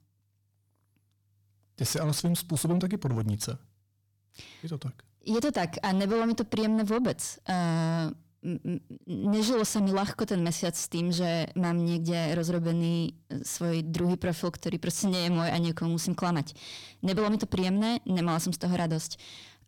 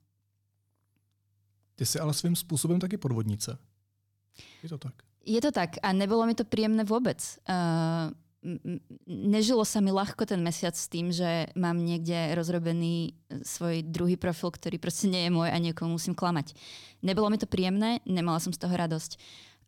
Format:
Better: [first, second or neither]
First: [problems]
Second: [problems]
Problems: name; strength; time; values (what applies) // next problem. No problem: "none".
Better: second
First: distortion; slight; 10 dB below the speech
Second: none